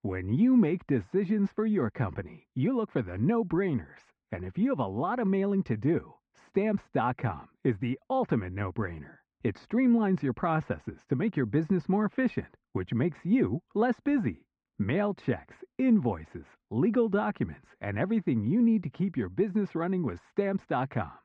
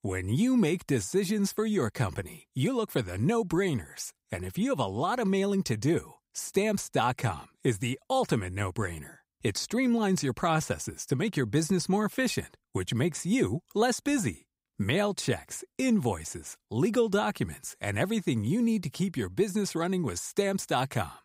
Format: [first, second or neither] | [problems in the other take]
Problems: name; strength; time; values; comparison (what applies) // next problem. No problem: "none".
second | muffled; very; fading above 2 kHz